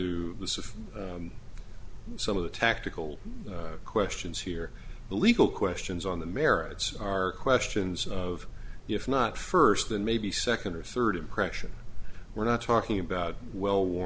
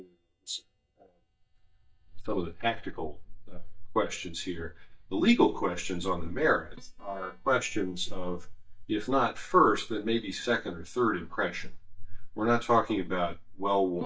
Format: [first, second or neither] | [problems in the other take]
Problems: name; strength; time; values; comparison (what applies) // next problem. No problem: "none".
first | noise reduction (neural mask model DeepFilterNet 3)